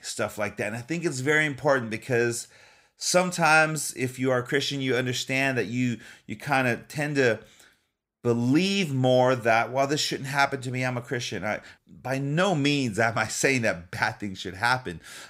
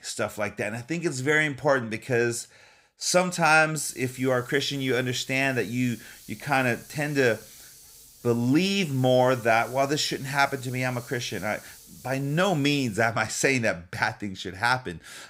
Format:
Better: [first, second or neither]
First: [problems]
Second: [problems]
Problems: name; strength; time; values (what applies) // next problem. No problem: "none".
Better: first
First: none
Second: hiss; faint; from 4 to 13 s; 20 dB below the speech